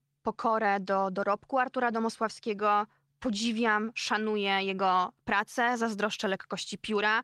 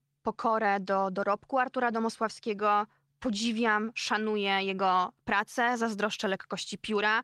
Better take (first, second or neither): neither